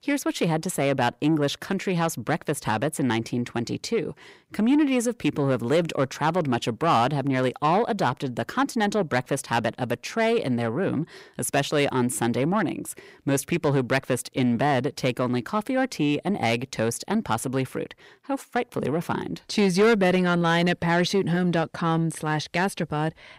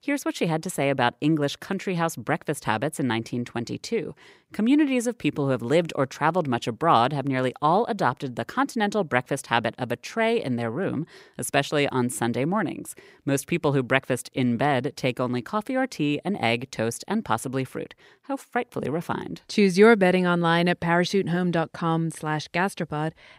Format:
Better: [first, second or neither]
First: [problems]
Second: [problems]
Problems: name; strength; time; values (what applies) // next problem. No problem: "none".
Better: second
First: distortion; slight; 10 dB below the speech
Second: none